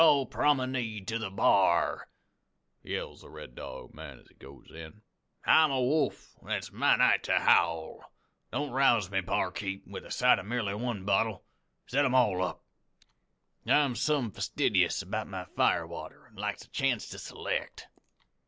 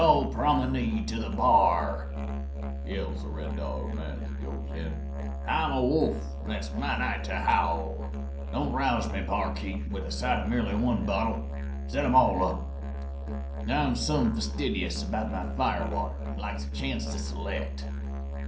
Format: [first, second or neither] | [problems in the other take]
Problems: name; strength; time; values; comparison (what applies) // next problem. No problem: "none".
first | background sound (Musical instrument); 3 dB below the speech // room echo; dies away in 0.6 s